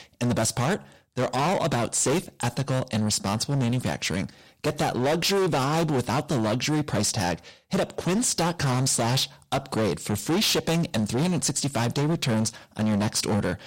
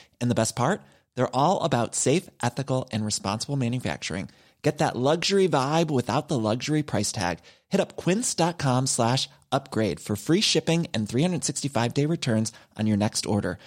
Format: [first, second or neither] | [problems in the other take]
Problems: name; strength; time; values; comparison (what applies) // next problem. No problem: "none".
second | distortion; heavy; 21% of the sound clipped